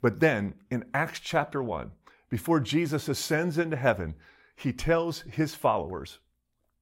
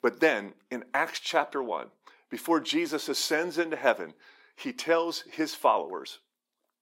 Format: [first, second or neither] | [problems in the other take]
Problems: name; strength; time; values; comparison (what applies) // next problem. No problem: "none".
first | thin; somewhat; fading below 300 Hz